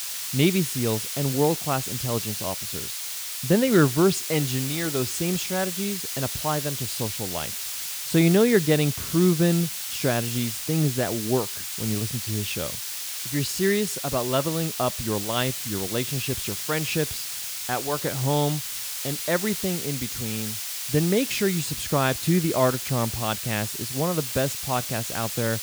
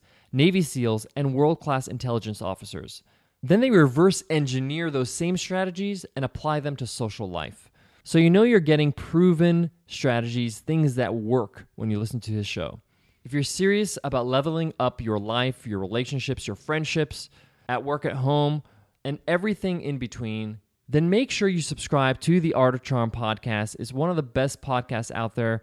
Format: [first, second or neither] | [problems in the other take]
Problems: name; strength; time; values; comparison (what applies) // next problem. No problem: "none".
second | hiss; loud; throughout; 4 dB below the speech